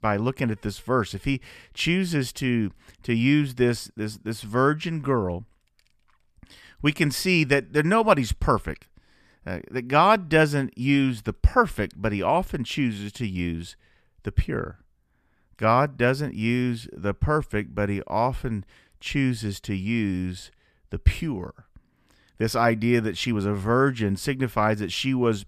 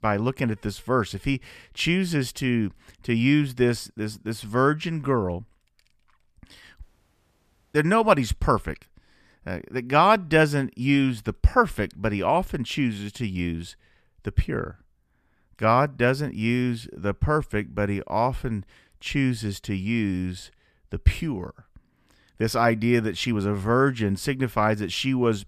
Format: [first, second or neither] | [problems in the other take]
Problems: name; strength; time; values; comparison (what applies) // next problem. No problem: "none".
first | audio cutting out; at 7 s for 1 s